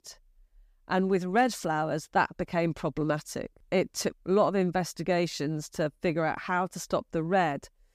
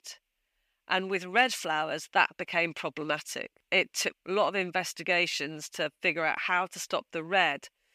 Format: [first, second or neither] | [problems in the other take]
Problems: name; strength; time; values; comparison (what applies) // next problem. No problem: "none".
first | thin; somewhat; fading below 700 Hz